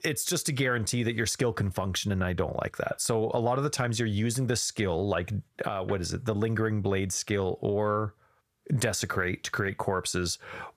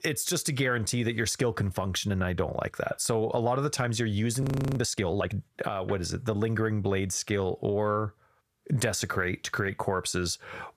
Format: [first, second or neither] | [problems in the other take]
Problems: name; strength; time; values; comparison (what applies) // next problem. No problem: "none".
first | audio freezing; at 4.5 s